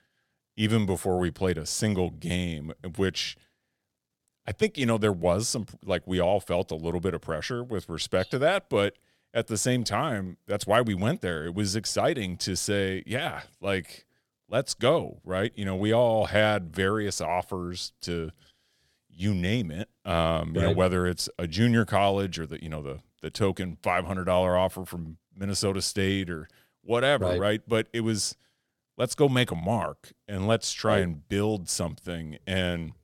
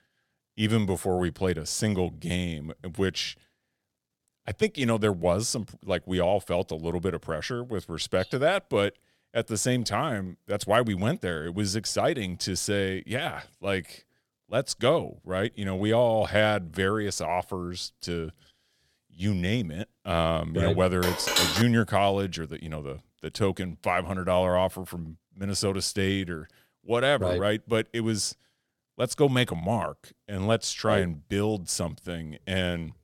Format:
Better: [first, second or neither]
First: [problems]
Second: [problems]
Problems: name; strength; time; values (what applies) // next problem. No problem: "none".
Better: first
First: none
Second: phone ringing; loud; at 21 s; peak 4 dB above the speech